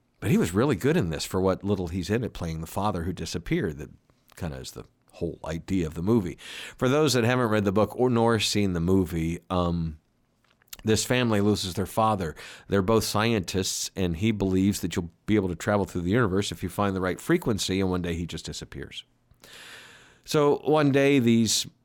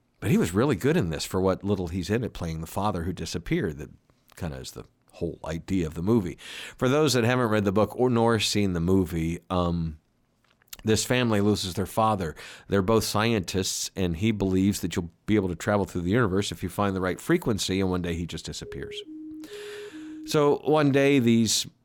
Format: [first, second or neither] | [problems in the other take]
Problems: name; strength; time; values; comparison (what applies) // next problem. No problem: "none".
first | siren; faint; from 19 to 20 s; peak 15 dB below the speech